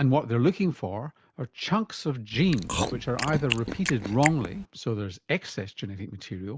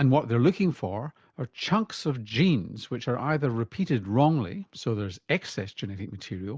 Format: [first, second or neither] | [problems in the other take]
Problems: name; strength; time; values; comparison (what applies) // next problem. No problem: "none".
second | background sound (Chewing, mastication); 4 dB below the speech